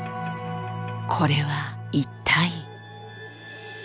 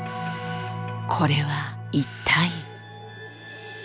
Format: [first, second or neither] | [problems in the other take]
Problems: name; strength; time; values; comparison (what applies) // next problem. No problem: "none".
first | background sound (Doorbell); 19 dB below the speech